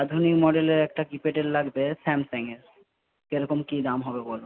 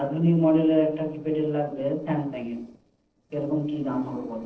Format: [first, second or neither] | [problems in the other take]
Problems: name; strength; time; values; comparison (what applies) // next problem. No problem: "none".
first | noise reduction (neural separator model SepFormer DNS4)